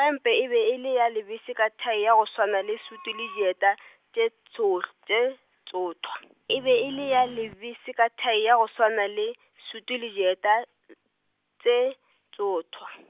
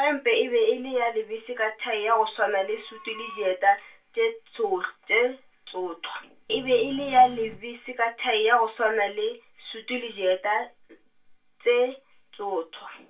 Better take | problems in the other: first | room echo; dies away in 0.2 s

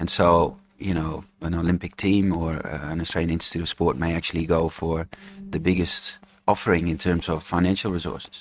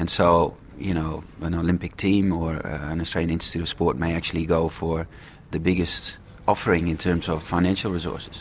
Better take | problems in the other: second | noise reduction (neural mask model RNNoise)

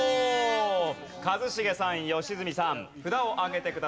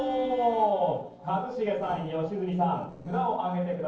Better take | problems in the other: first | noise reduction (neural separator model SepFormer DNS4)

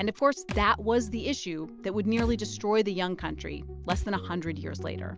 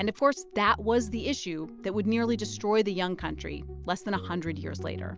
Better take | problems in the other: second | background sound (Thump, thud); 10 dB below the speech

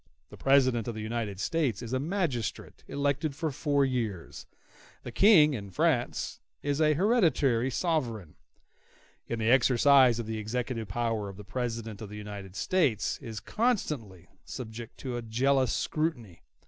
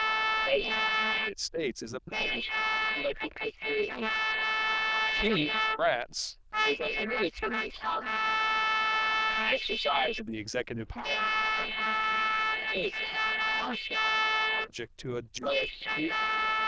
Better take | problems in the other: first | noise reduction (neural diffusion model UNIVERSE++)

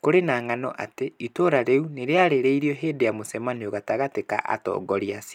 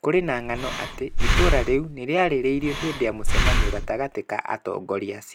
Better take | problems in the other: first | background sound (Breathing); 2 dB above the speech

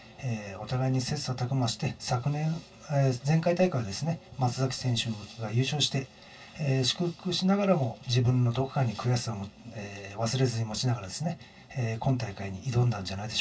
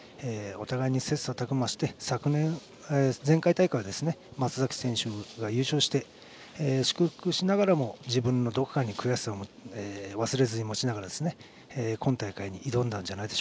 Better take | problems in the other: second | room echo; dies away in 0.1 s

